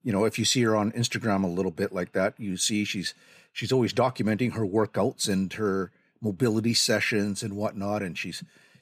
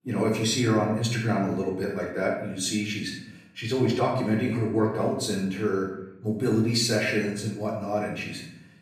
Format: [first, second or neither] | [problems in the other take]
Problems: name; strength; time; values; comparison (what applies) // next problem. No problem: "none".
first | off-mic speech; far // room echo; noticeable; dies away in 0.7 s